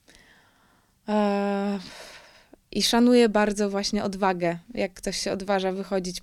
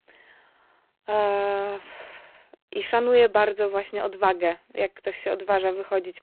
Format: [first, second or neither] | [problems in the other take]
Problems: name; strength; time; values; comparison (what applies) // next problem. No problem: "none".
first | phone-call audio; poor line; nothing above 4 kHz